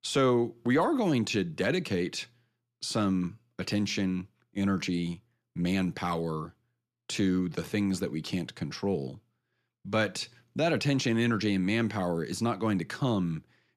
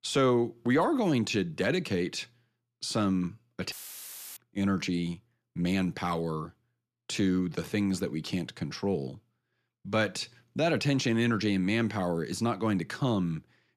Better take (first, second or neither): first